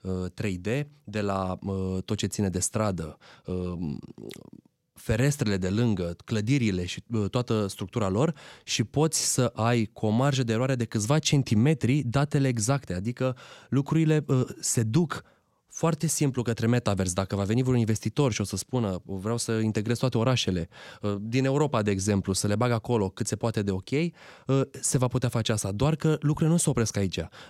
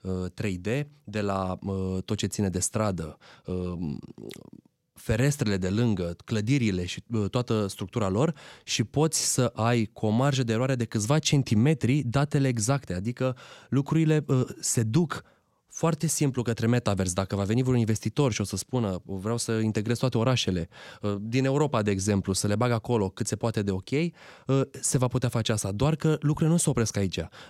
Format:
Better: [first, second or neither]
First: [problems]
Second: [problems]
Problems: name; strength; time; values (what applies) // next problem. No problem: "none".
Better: neither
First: none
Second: none